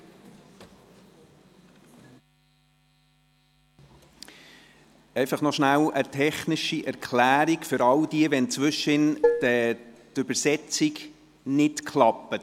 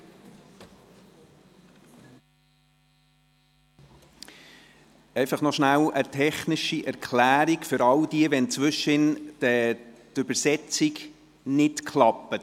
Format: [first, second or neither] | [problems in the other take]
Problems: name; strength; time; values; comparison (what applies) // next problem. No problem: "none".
second | background sound (Dishes, pots, and pans); as loud as the speech